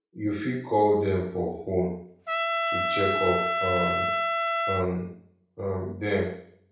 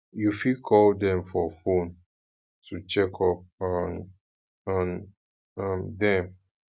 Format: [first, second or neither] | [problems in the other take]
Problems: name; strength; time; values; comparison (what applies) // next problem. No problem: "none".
second | background sound (Trumpet); 1 dB above the speech // room echo; dies away in 0.6 s